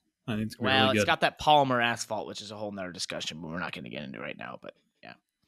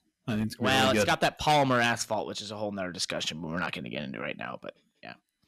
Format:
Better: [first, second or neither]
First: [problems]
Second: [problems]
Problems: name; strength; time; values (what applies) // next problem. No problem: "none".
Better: first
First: none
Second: distortion; heavy; 5% of the sound clipped